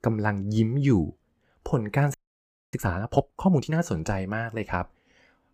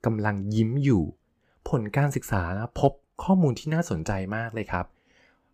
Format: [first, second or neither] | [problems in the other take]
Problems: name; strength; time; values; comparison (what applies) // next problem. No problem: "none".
second | audio freezing; at 2 s for 0.5 s